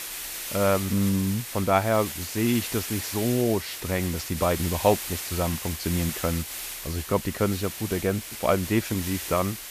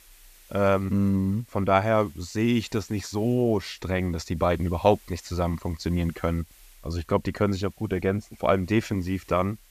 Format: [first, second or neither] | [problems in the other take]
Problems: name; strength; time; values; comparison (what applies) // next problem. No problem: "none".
second | hiss; loud; throughout; 6 dB below the speech; faint in the second